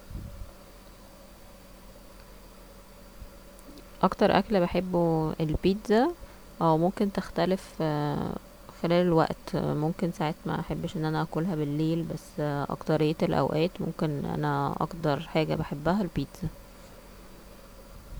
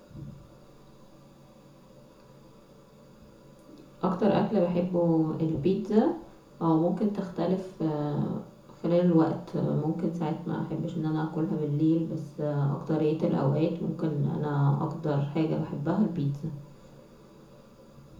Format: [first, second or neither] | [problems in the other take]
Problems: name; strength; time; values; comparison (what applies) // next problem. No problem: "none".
first | room echo; dies away in 0.6 s